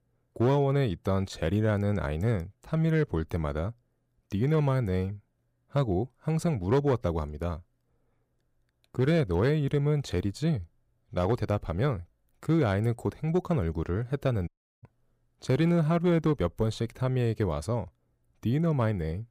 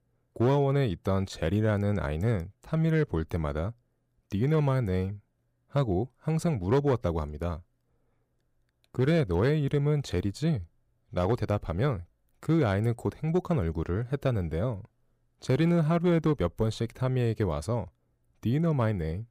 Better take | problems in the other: second | audio cutting out; at 14 s

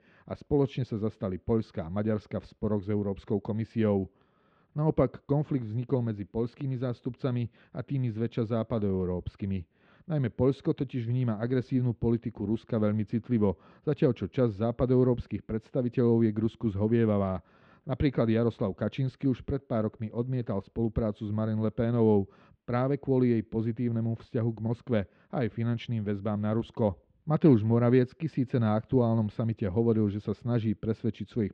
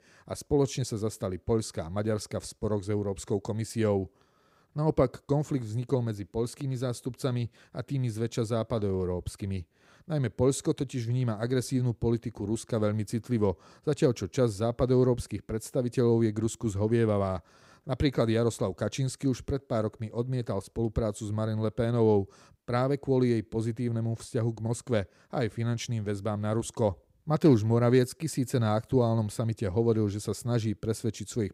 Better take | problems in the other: second | muffled; very; fading above 3 kHz

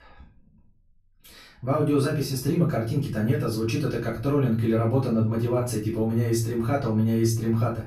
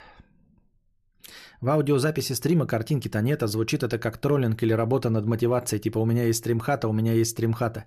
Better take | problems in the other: second | off-mic speech; far // room echo; slight; dies away in 0.4 s

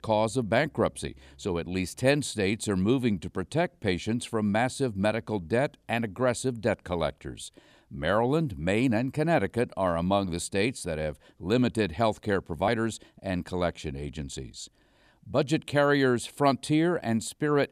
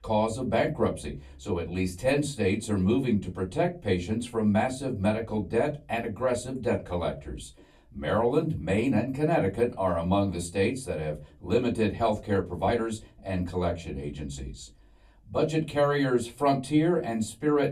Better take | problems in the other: first | off-mic speech; far // room echo; very slight; dies away in 0.3 s

